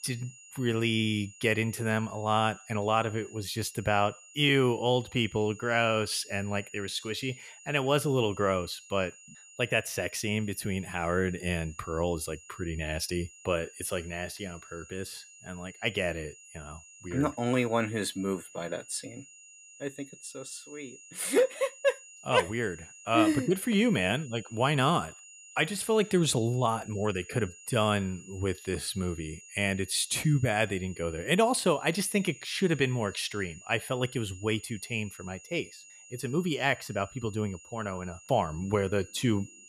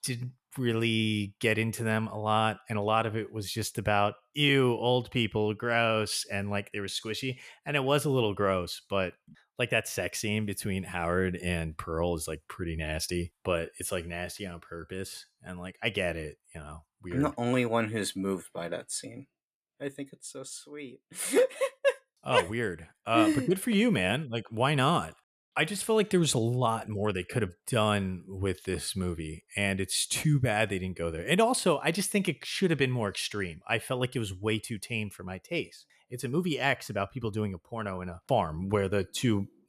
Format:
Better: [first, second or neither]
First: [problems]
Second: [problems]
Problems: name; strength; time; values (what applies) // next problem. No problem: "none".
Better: second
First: high-pitched whine; noticeable; throughout; 7 kHz, 20 dB below the speech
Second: none